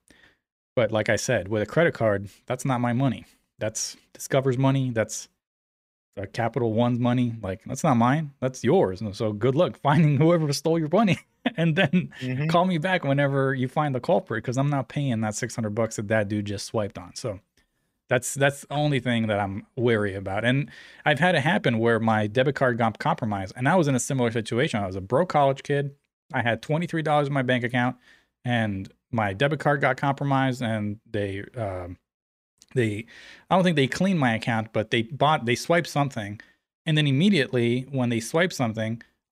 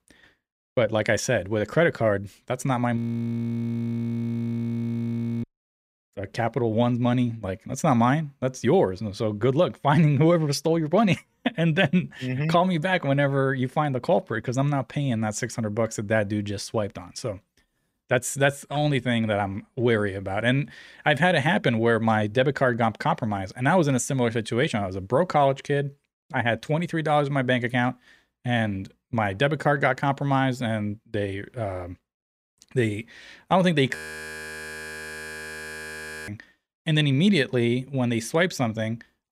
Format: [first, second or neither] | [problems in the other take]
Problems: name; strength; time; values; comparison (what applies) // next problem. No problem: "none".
first | audio freezing; at 3 s for 2.5 s and at 34 s for 2.5 s